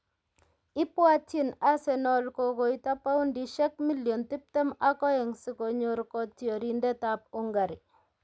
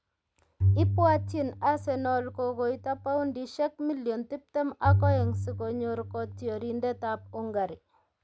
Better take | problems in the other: first | background sound (Bowed string instrument); as loud as the speech

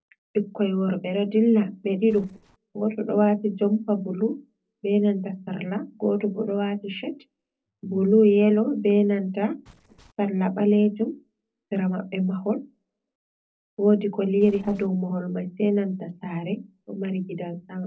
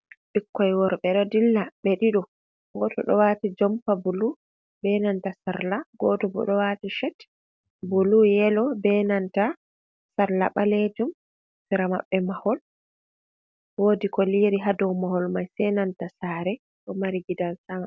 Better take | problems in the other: second | noise reduction (neural separator model SepFormer DNS4)

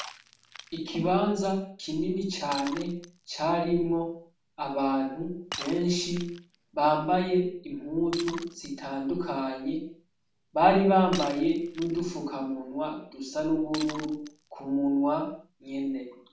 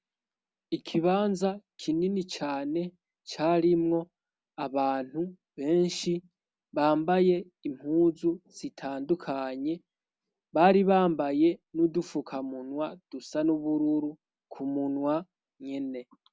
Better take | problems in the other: second | background sound (Shatter); 18 dB below the speech // room echo; dies away in 0.5 s

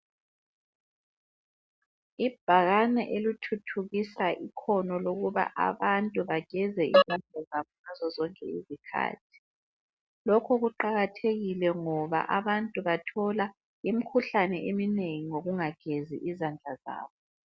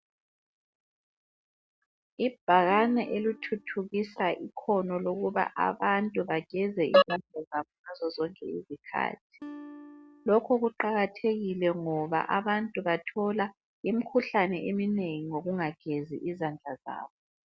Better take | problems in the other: first | background sound (Acoustic guitar); 16 dB below the speech

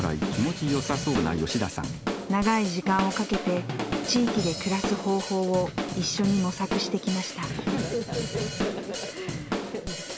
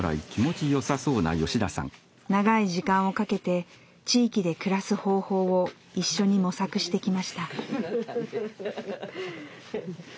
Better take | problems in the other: second | background sound (Drum / Drum kit); 4 dB below the speech

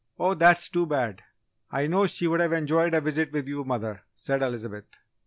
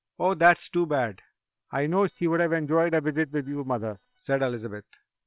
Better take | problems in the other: first | noise reduction (neural separator model SepFormer WHAM!)

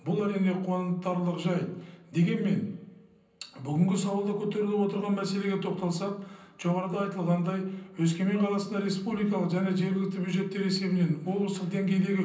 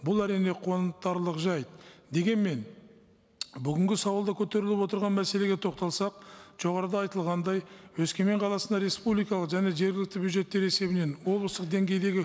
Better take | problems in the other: second | room echo; dies away in 0.6 s

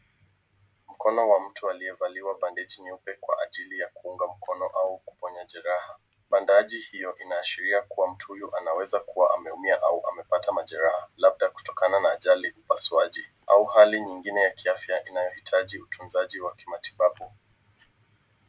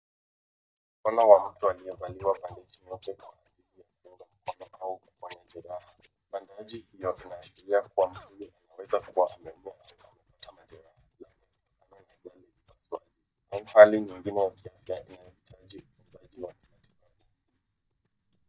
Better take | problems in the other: first | noise reduction (neural mask model DeepFilterNet 3)

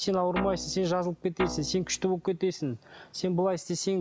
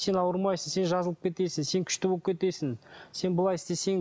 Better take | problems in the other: second | background sound (Guitar); 10 dB below the speech

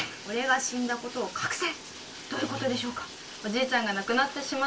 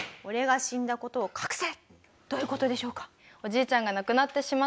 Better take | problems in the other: second | background sound (Bathtub (filling or washing)); 13 dB below the speech // room echo; dies away in 0.2 s

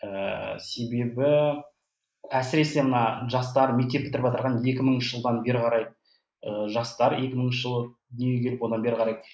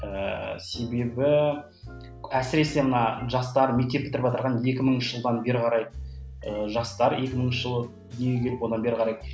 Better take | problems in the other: second | noise reduction (neural mask model Resemble Enhance denoiser)

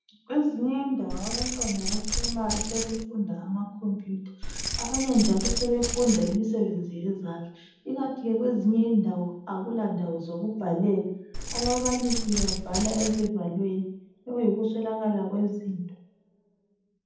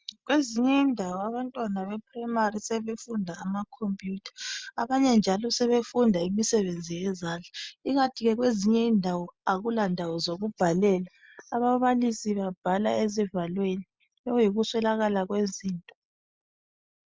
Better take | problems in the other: second | background sound (Keys jangling); 2 dB below the speech // room echo; dies away in 0.8 s

